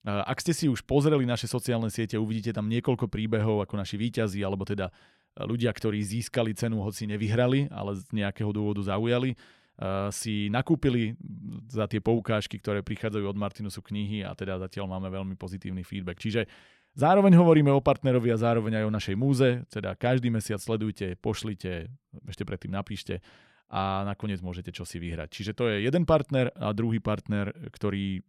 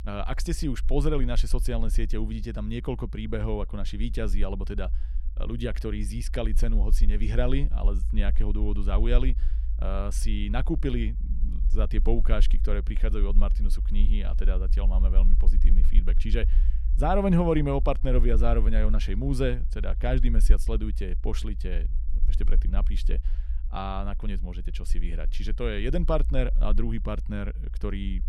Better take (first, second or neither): first